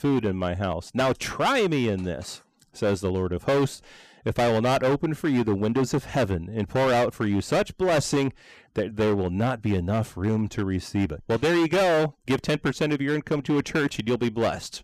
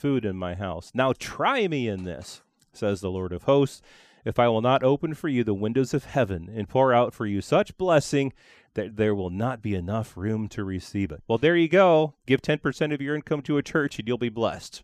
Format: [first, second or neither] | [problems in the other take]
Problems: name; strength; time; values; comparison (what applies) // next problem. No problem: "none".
second | distortion; heavy; 14% of the sound clipped